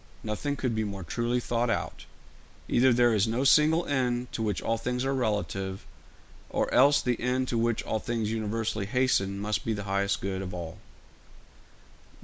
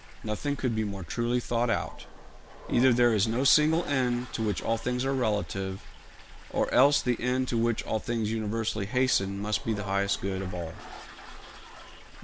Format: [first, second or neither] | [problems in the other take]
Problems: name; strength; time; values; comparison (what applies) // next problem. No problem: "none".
first | background sound (Toilet flush); 19 dB below the speech